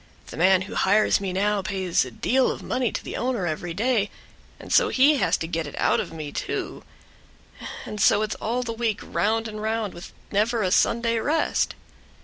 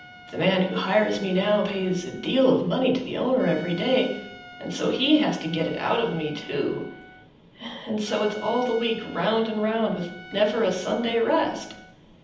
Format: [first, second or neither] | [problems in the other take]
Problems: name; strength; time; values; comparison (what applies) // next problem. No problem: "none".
first | background sound (Trumpet); 20 dB below the speech // room echo; dies away in 0.8 s